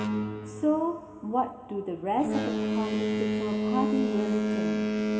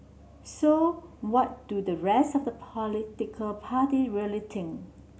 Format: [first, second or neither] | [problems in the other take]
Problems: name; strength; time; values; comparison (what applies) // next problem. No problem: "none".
second | background sound (Boat, Water vehicle); 2 dB above the speech // room echo; dies away in 2.5 s